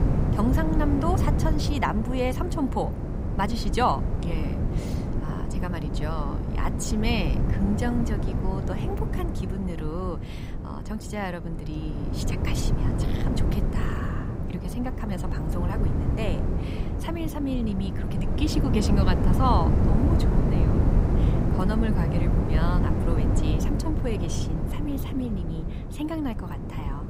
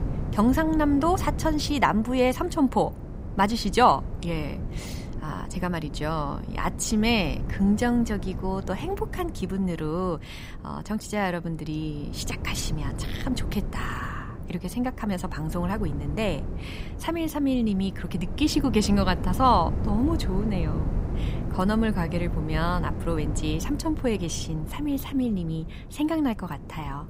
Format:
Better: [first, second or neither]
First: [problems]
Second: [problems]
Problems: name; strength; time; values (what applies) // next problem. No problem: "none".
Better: second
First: wind noise on the microphone; heavy; 3 dB below the speech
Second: wind noise on the microphone; occasional gusts; 15 dB below the speech